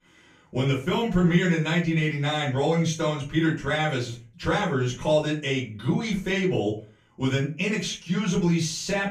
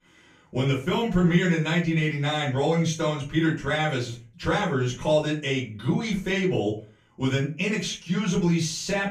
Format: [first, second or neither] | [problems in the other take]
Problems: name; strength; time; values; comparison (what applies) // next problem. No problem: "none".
neither | room echo; slight; dies away in 0.3 s; the same in both // off-mic speech; far; the same in both